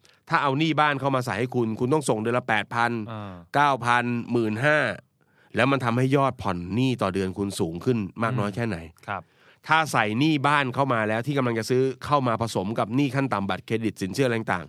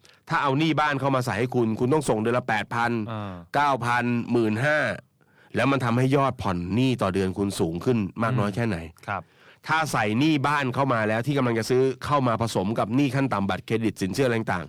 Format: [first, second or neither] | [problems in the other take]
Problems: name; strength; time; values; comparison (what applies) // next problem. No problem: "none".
first | distortion; slight; 10 dB below the speech